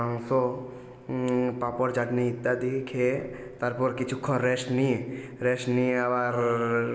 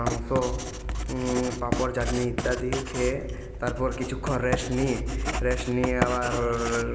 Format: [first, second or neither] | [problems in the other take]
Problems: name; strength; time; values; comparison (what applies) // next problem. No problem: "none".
first | background sound (Writing); 3 dB below the speech